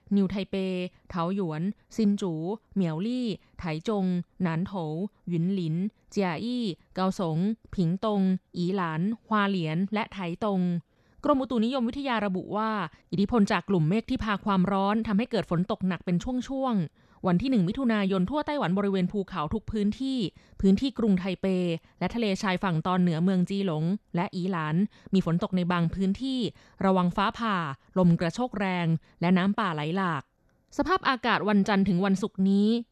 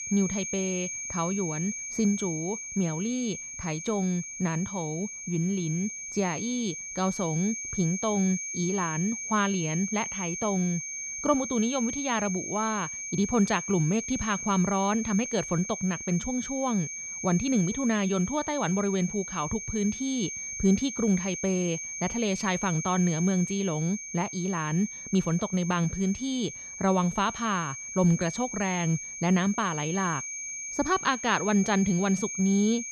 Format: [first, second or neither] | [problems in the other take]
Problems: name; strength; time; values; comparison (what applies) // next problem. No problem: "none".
first | high-pitched whine; loud; throughout; 6.5 kHz, 6 dB below the speech